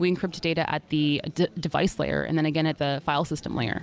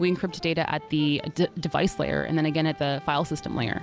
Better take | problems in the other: first | background sound (Brass instrument); 20 dB below the speech

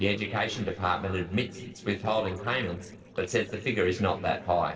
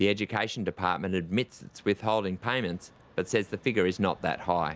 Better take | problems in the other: second | noise reduction (neural separator model SepFormer DNS4)

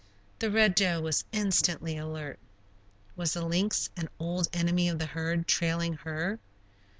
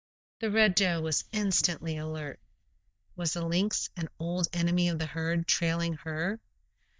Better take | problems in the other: first | noise reduction (neural mask model DeepFilterNet 3)

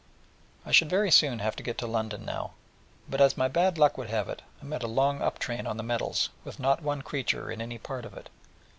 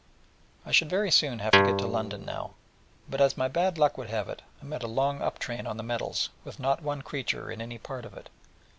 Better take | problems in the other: first | background sound (Guitar); 5 dB above the speech

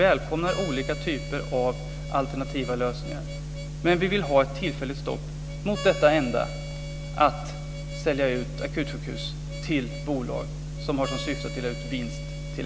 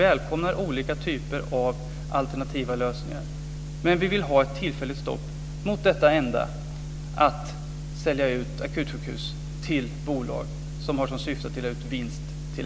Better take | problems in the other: second | background sound (Harmonica); 16 dB below the speech

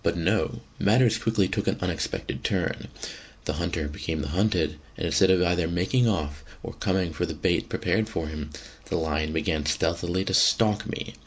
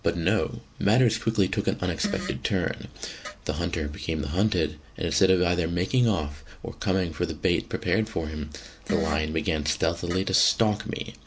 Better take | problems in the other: first | background sound (Fart); 12 dB below the speech

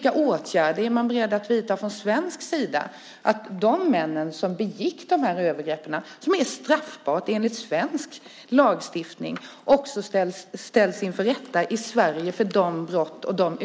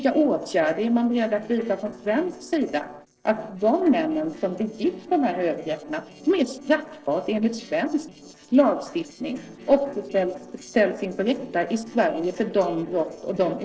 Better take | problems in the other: first | noise reduction (neural separator model SepFormer DNS4)

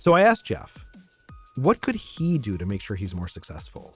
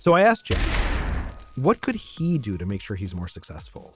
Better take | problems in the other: first | background sound (Boom); 5 dB below the speech

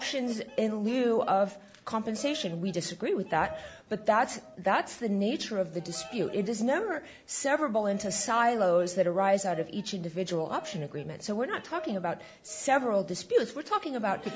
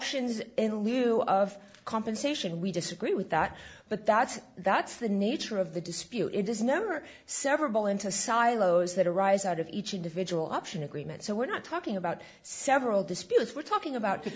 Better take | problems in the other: second | background sound (Bird vocalization, bird call, bird song); 20 dB below the speech

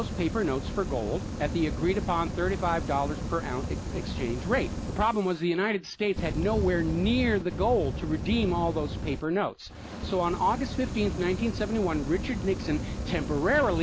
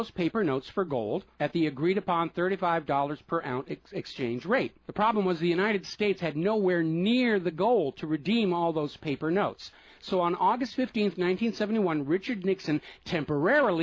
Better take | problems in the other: second | background sound (Fire); 5 dB below the speech

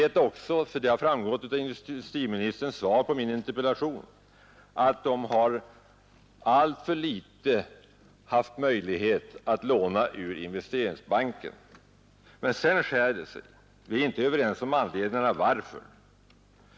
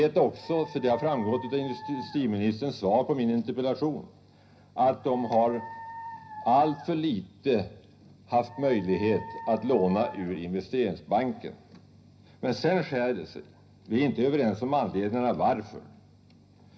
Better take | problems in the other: first | background sound (Dog); 14 dB below the speech // room echo; dies away in 0.4 s

